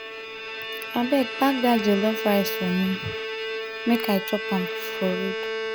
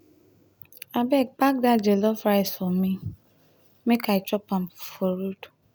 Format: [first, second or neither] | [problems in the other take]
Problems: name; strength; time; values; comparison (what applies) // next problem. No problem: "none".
second | background sound (Bowed string instrument); 5 dB below the speech